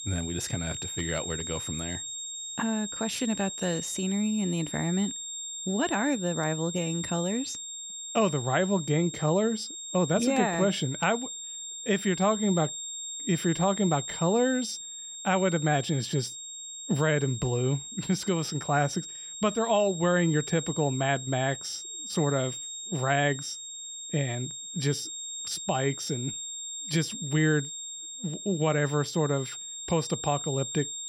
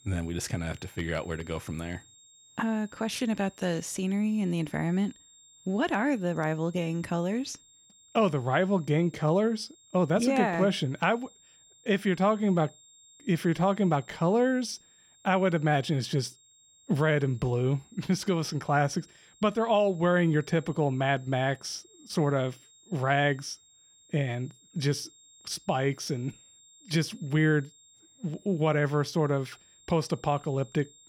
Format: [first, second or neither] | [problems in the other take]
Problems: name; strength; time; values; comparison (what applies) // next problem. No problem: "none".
second | high-pitched whine; loud; throughout; 7.5 kHz, 7 dB below the speech; faint in the second